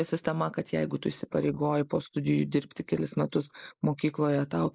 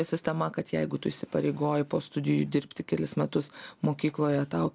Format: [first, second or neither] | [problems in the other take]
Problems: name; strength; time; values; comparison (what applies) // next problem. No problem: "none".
second | noise reduction (neural mask model Resemble Enhance denoiser)